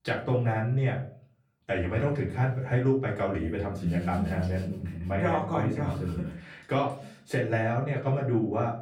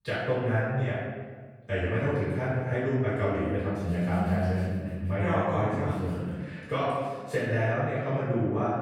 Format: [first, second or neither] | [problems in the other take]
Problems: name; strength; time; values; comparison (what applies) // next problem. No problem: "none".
first | room echo; strong; dies away in 1.3 s; slight in the first // off-mic speech; far; far in the first